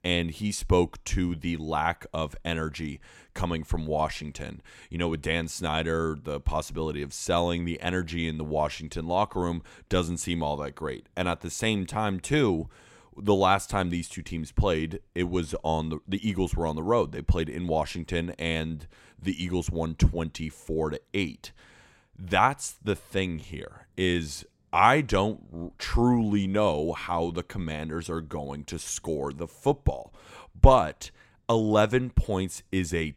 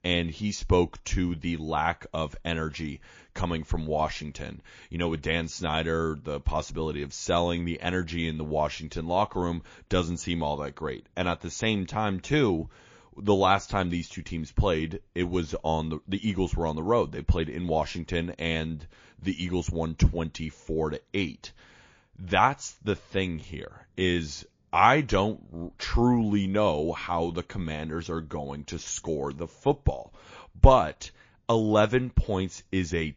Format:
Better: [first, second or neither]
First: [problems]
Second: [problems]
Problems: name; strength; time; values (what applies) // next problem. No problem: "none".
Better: first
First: none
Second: garbled, watery; slightly